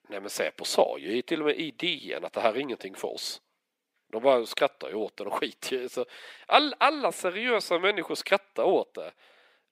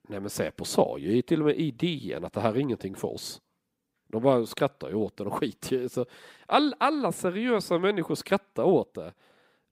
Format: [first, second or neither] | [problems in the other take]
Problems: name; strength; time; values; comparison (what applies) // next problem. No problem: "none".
second | thin; somewhat; fading below 350 Hz